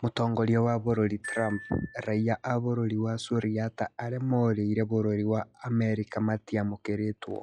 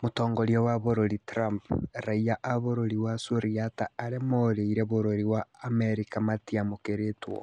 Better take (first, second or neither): second